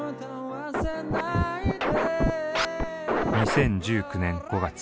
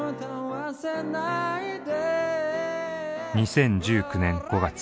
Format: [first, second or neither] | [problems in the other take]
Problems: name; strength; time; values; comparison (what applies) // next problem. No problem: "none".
second | background sound (Scratching (performance technique)); 1 dB above the speech